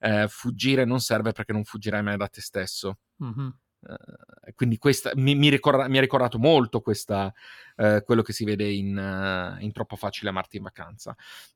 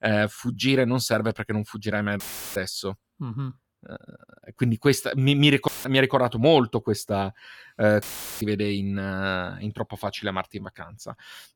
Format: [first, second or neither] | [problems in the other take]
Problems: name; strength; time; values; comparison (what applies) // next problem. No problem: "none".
first | audio cutting out; filled with static; at 2 s, at 5.5 s and at 8 s